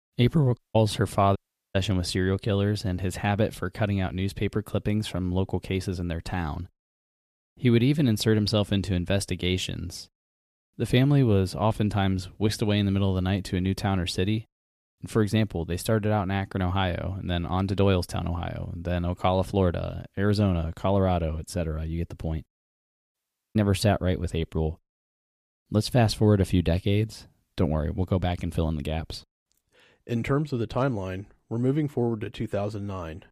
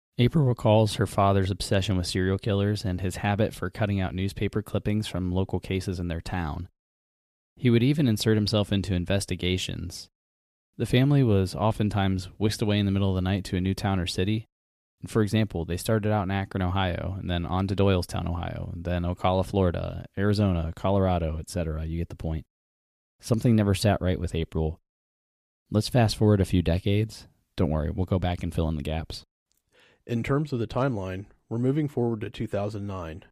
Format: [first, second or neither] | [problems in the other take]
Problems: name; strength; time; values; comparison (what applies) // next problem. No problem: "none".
second | audio cutting out; at 0.5 s, at 1.5 s and at 23 s